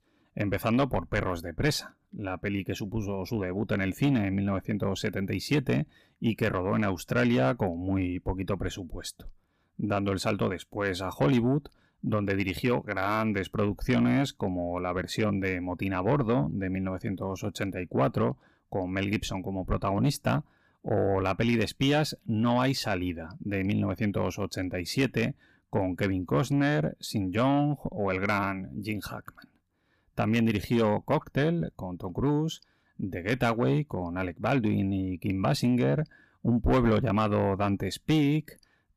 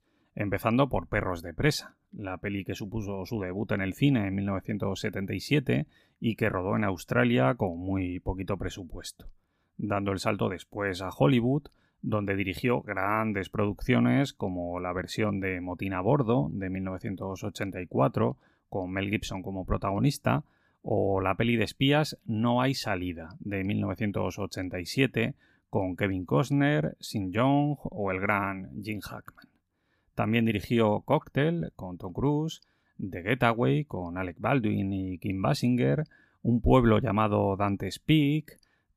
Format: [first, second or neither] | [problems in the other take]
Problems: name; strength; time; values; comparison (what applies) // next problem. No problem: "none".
second | distortion; slight; 10 dB below the speech